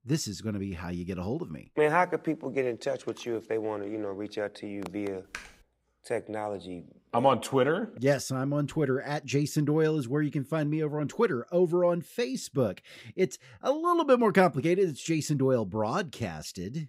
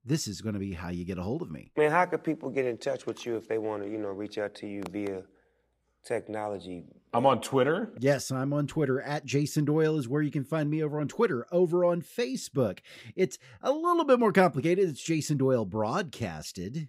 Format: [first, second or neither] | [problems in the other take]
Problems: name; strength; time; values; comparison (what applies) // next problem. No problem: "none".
second | keyboard typing; faint; at 5.5 s; peak 15 dB below the speech